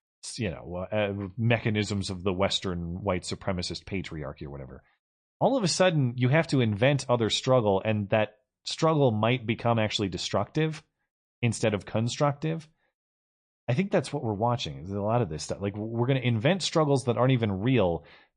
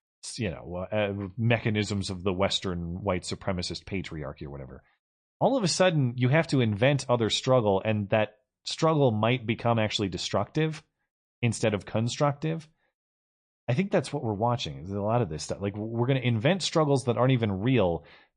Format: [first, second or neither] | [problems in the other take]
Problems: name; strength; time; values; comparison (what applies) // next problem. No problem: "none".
neither | garbled, watery; slightly; nothing above 9 kHz; the same in both